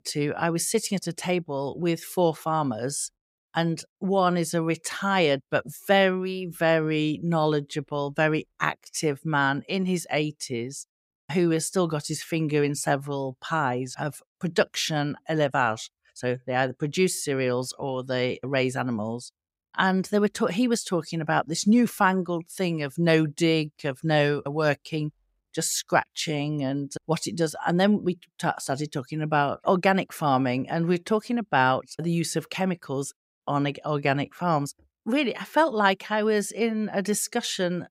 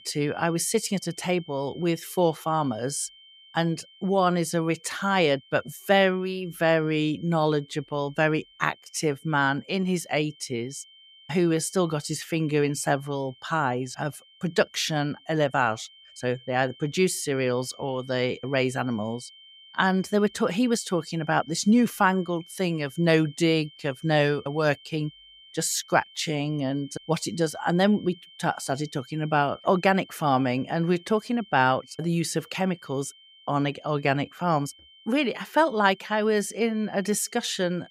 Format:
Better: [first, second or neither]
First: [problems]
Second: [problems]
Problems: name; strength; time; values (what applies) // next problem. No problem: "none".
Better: first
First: none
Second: high-pitched whine; faint; throughout; 3 kHz, 25 dB below the speech